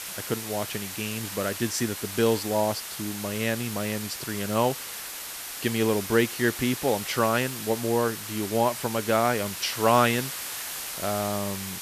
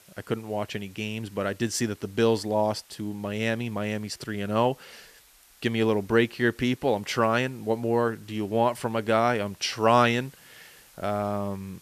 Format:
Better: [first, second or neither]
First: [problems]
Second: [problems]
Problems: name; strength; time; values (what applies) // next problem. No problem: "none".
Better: second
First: hiss; loud; throughout; 7 dB below the speech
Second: hiss; faint; throughout; 25 dB below the speech